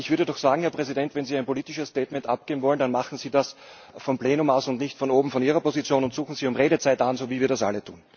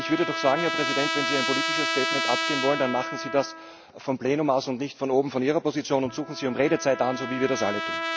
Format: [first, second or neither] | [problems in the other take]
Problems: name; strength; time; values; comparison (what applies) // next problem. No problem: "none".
first | background sound (Trumpet); 4 dB below the speech